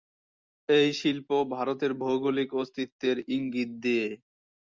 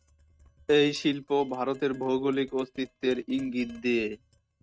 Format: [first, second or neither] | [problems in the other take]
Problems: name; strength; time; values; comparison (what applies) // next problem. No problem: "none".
first | noise reduction (neural mask model RNNoise)